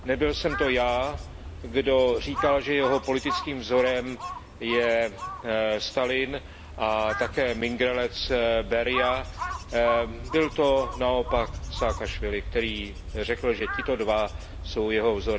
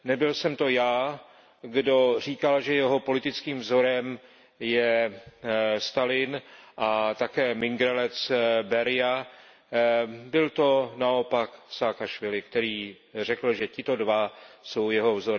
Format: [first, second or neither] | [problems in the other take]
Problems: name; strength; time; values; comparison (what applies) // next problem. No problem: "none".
second | background sound (Wind / Bird / Insect + Crow); 9 dB below the speech